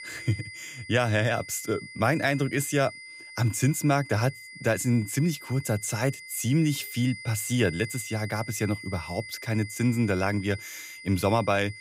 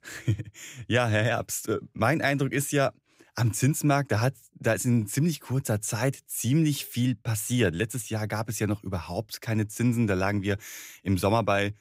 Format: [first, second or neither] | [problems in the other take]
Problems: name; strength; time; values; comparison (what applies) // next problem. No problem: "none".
second | high-pitched whine; noticeable; throughout; 2 kHz, 15 dB below the speech